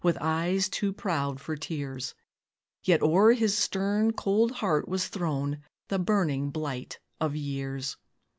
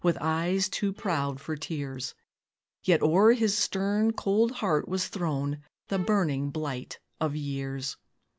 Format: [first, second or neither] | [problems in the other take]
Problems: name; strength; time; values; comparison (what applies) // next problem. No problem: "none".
first | background sound (Bowed string instrument); 19 dB below the speech